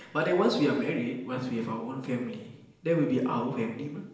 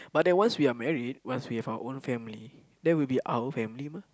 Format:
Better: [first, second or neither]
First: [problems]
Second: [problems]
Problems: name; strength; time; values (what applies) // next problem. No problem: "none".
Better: second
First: room echo; dies away in 0.9 s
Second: none